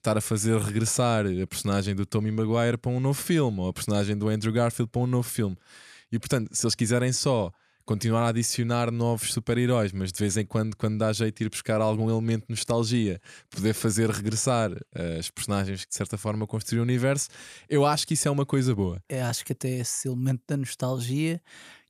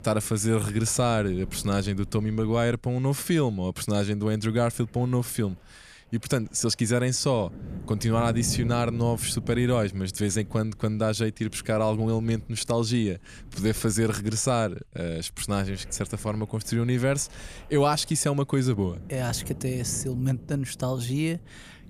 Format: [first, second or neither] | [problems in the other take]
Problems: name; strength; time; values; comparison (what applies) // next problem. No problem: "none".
first | wind noise on the microphone; occasional gusts; 20 dB below the speech